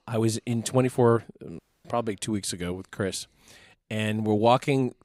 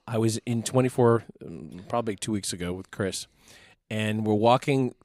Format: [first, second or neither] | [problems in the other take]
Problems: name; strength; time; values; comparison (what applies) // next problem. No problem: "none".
second | audio cutting out; at 1.5 s